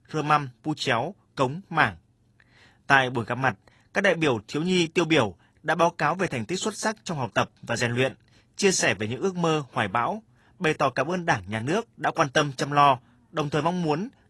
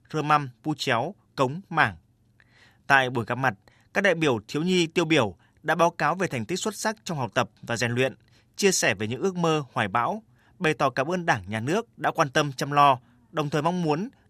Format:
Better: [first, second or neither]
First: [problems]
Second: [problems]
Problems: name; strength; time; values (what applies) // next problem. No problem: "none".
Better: second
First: garbled, watery; slightly; nothing above 11.5 kHz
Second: none